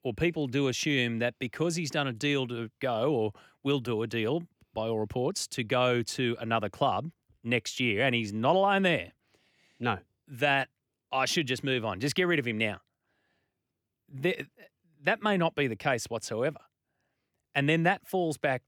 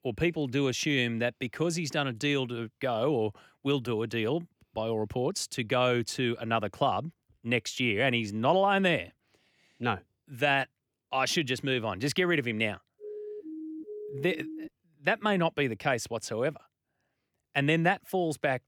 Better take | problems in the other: first | siren; faint; from 13 to 15 s; peak 10 dB below the speech

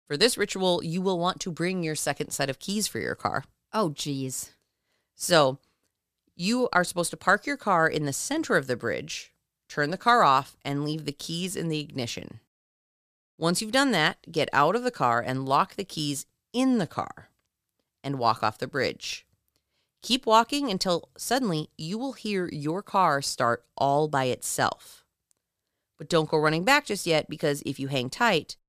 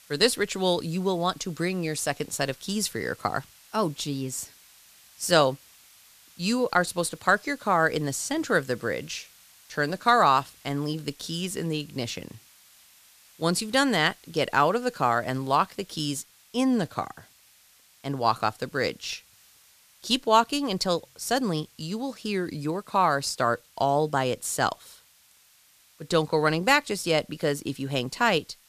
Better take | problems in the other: first | hiss; faint; throughout; 25 dB below the speech

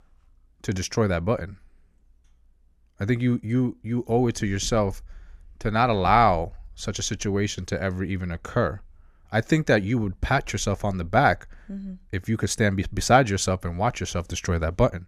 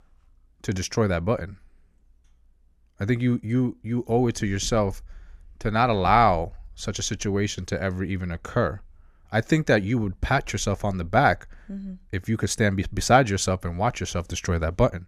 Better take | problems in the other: neither | none

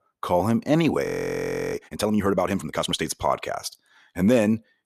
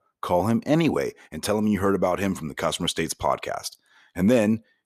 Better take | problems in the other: second | audio freezing; at 1 s for 0.5 s

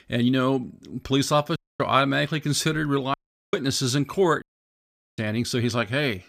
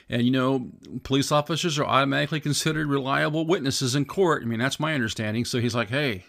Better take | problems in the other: second | audio cutting out; at 1.5 s, at 3 s and at 4.5 s for 1 s

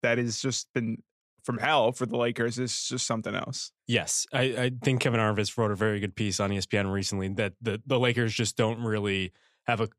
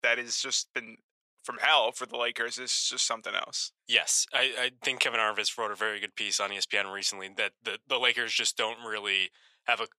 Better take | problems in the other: first | thin; very; fading below 750 Hz

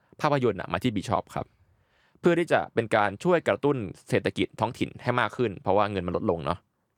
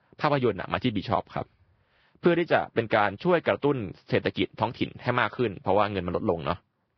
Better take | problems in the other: first | garbled, watery; badly; nothing above 5 kHz

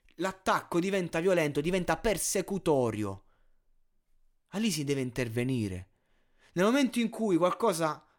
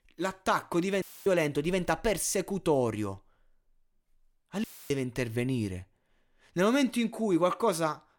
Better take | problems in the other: first | audio cutting out; filled with static; at 1 s and at 4.5 s

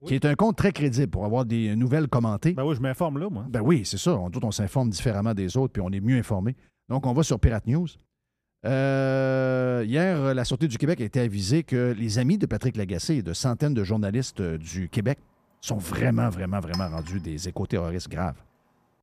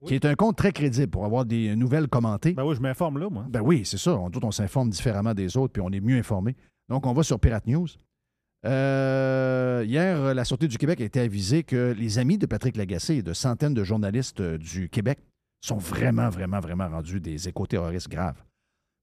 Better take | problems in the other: second | clattering dishes; faint; at 17 s; peak 10 dB below the speech

